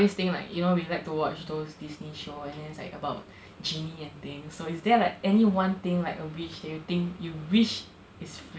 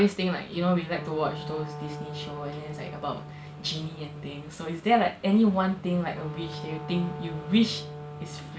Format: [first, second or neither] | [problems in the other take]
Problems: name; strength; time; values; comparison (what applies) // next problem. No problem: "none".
first | background sound (Wind instrument, woodwind instrument); 12 dB below the speech